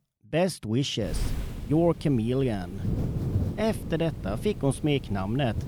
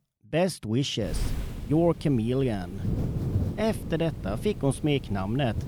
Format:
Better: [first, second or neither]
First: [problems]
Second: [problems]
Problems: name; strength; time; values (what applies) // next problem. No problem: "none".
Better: neither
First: wind noise on the microphone; occasional gusts; from 1 s on; 15 dB below the speech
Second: wind noise on the microphone; occasional gusts; from 1 s on; 15 dB below the speech